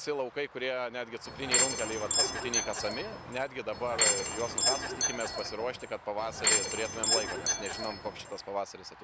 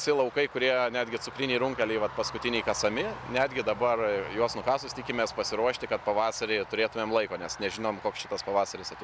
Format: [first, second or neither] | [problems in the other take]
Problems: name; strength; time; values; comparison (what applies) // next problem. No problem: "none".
second | background sound (Door / Chime); 5 dB above the speech